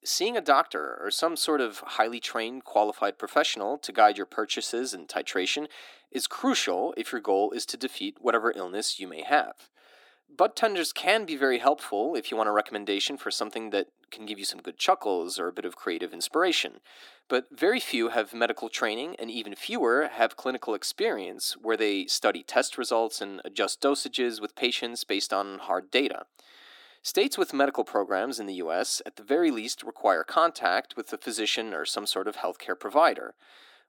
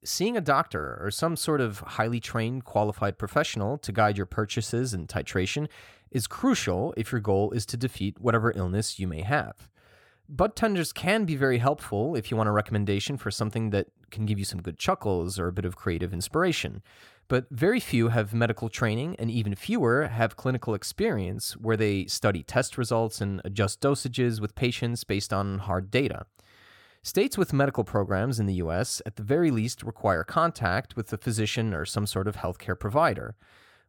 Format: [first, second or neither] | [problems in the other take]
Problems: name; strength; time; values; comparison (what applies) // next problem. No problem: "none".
second | thin; somewhat; fading below 300 Hz